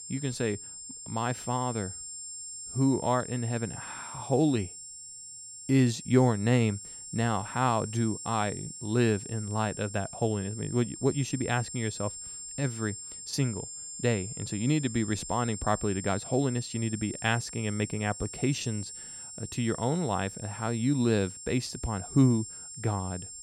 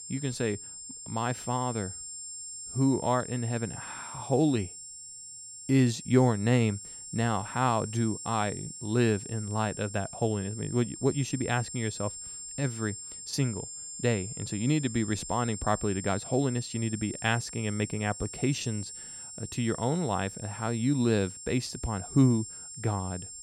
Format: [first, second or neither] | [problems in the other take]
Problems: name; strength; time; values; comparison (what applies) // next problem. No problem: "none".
neither | high-pitched whine; loud; throughout; 7.5 kHz, 10 dB below the speech; the same in both